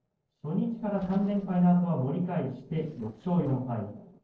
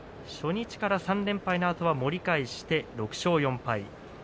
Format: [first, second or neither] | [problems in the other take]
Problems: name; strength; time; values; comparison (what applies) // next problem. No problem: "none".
second | noise reduction (neural separator model SepFormer DNS4)